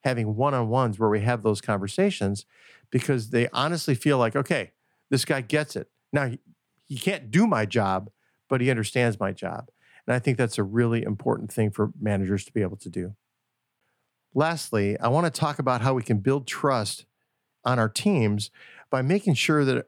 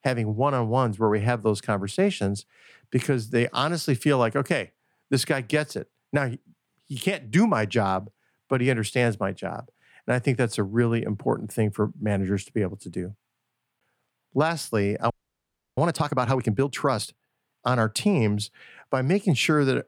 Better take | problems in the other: first | audio freezing; at 15 s for 0.5 s

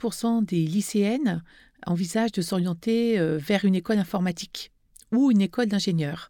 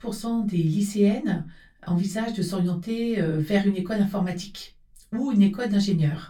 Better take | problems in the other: first | off-mic speech; far // room echo; very slight; dies away in 0.2 s

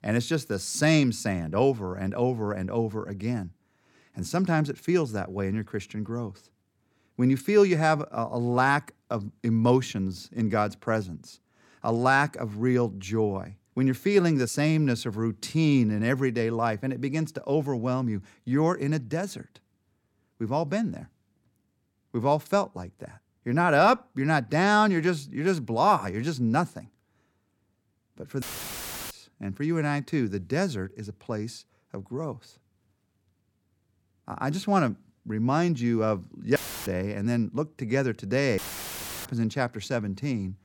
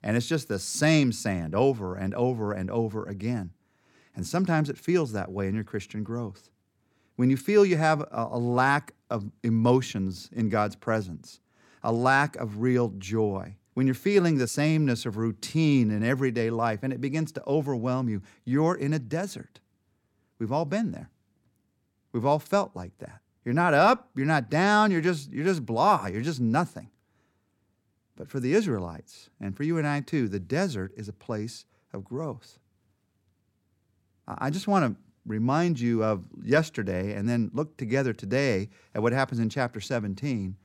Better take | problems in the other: second | audio cutting out; filled with static; at 28 s for 0.5 s, at 37 s and at 39 s for 0.5 s

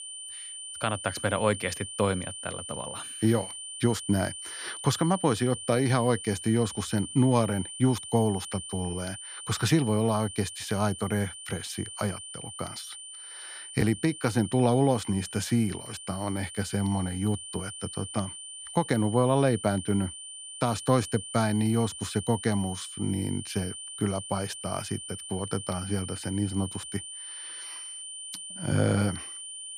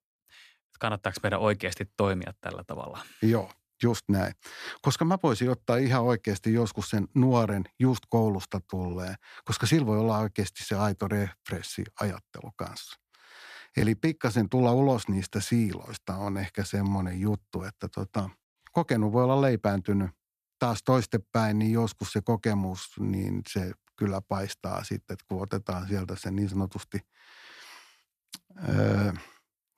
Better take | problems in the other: second | high-pitched whine; loud; throughout; 9 kHz, 10 dB below the speech

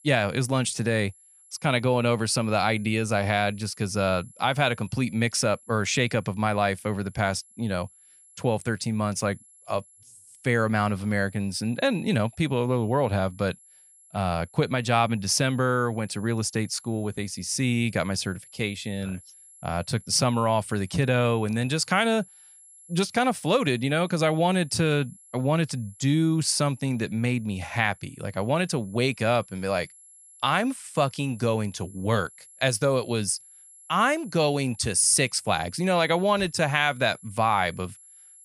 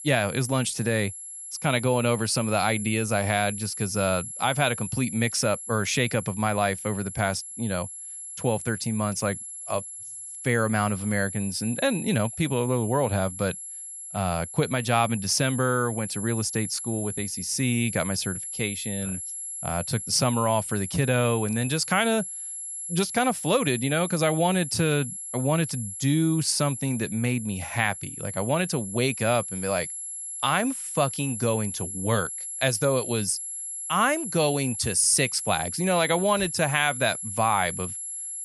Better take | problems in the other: first | high-pitched whine; loud; throughout; 11 kHz, 7 dB below the speech; faint in the first

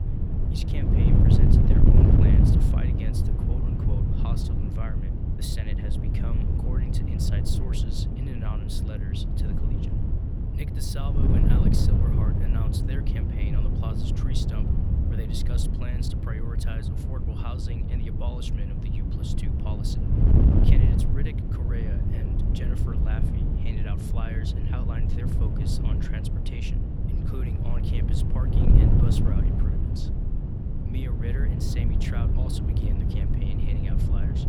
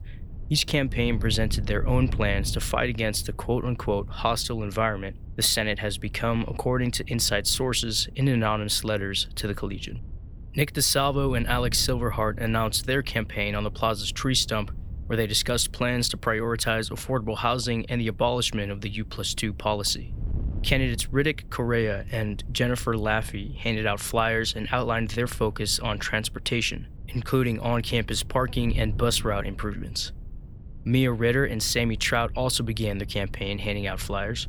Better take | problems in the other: second | wind noise on the microphone; heavy; 5 dB above the speech; occasional gusts in the second

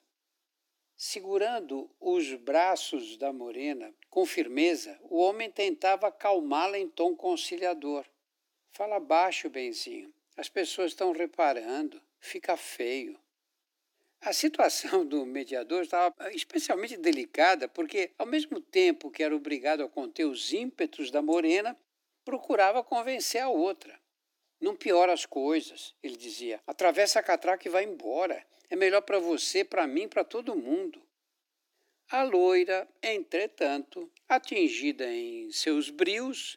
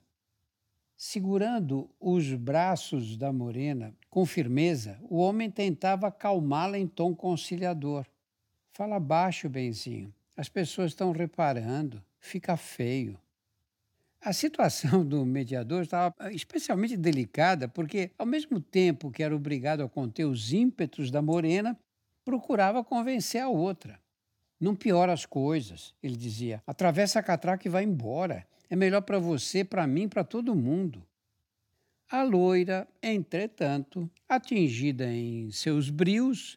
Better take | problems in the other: second | thin; somewhat; fading below 300 Hz

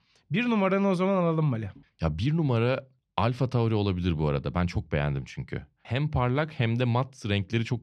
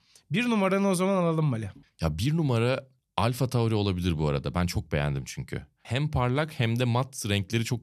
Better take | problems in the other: second | muffled; slightly; fading above 3.5 kHz

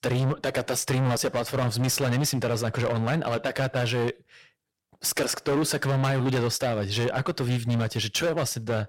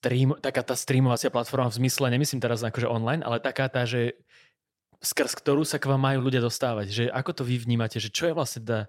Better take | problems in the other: second | distortion; heavy; 20% of the sound clipped

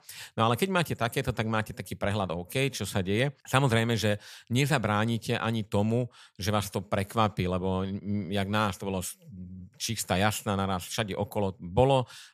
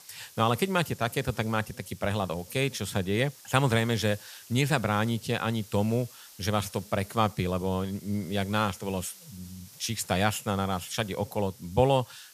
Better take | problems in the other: first | hiss; faint; throughout; 20 dB below the speech

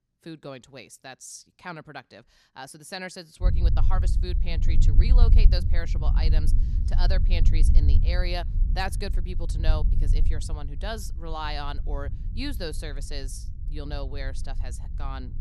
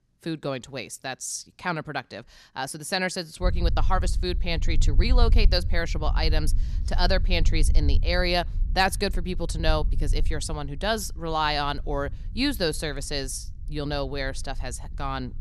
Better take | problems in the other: second | low rumble; loud; from 3.5 s on; 9 dB below the speech; faint in the second

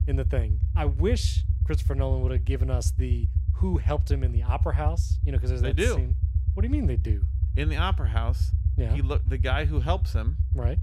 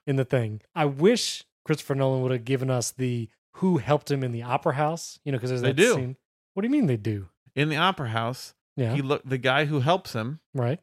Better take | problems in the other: second | low rumble; noticeable; throughout; 10 dB below the speech

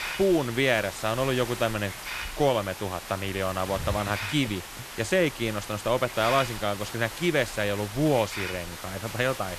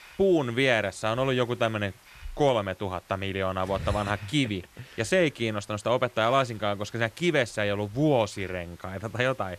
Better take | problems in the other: second | hiss; loud; throughout; 9 dB below the speech; faint in the second

